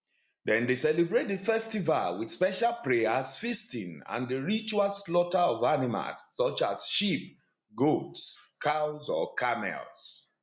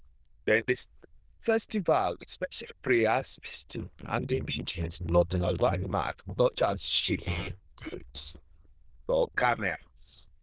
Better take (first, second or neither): first